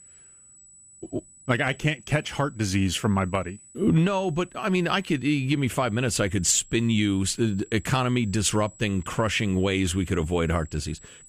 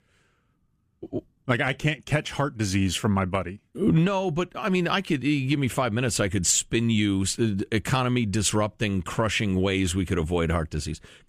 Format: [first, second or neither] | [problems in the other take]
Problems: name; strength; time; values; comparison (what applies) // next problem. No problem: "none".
second | high-pitched whine; faint; throughout; 8 kHz, 25 dB below the speech